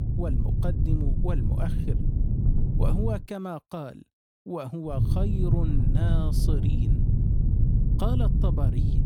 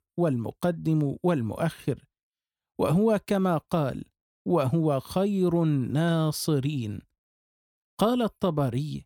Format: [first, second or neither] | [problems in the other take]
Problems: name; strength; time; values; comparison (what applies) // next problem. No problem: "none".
second | low rumble; loud; until 3 s and from 5 s on; 2 dB below the speech